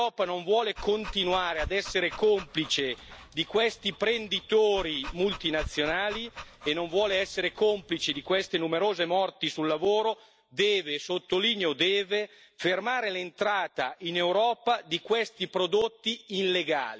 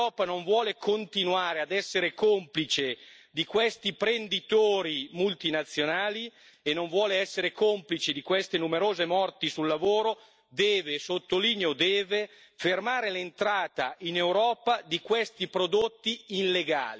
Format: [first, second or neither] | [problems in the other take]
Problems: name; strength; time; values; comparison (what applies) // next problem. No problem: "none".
second | background sound (Dog); 16 dB below the speech